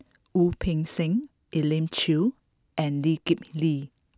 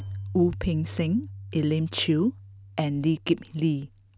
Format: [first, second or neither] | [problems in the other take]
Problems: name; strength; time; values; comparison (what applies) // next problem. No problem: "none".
first | background sound (Keyboard (musical)); 13 dB below the speech